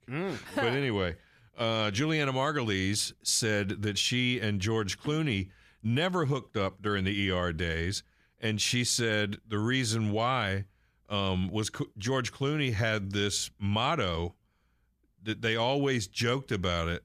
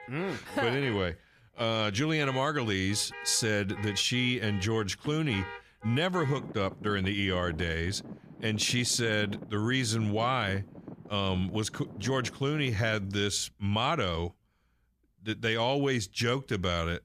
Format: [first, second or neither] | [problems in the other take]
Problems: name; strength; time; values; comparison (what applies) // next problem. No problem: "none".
first | traffic noise; noticeable; until 13 s; 15 dB below the speech